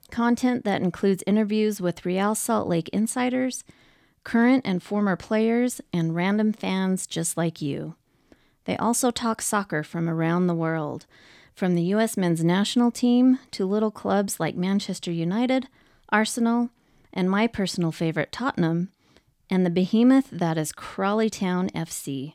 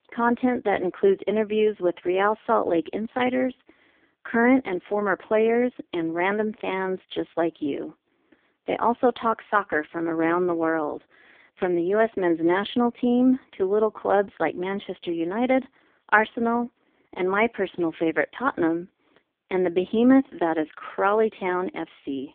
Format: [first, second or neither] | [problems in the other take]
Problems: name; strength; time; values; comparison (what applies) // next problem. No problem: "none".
first | phone-call audio; poor line